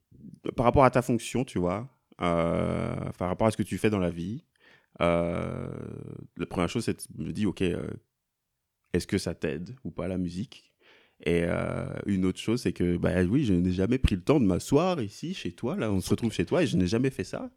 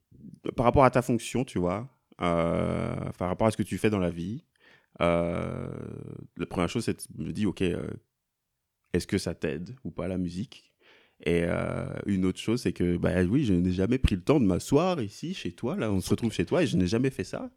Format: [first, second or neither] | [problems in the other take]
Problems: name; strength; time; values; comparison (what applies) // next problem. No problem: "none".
neither | none